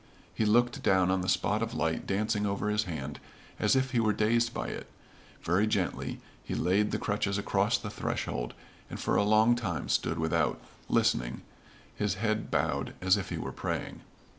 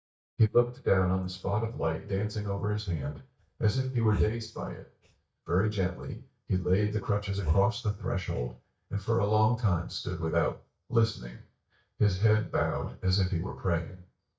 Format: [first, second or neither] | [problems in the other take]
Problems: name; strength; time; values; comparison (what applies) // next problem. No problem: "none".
first | noise reduction (neural mask model DeepFilterNet 3)